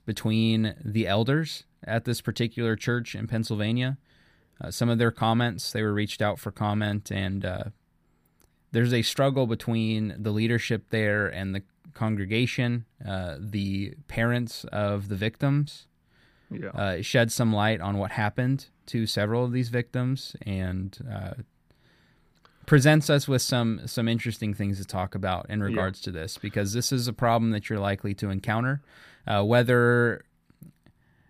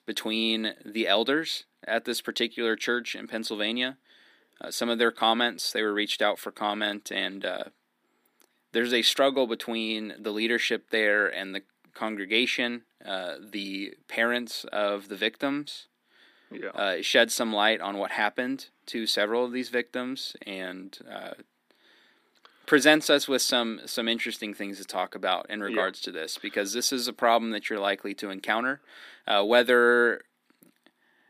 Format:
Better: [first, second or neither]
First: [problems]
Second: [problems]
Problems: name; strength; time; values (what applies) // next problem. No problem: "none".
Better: first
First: none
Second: thin; somewhat; fading below 250 Hz